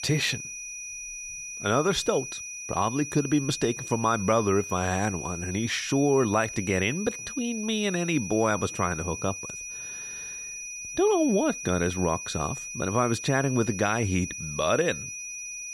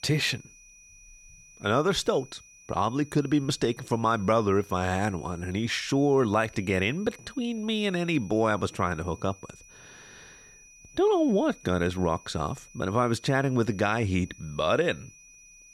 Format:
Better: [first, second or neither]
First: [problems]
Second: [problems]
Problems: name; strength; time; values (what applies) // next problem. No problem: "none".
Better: second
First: high-pitched whine; loud; throughout; 6 kHz, 8 dB below the speech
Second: high-pitched whine; faint; throughout; 6 kHz, 25 dB below the speech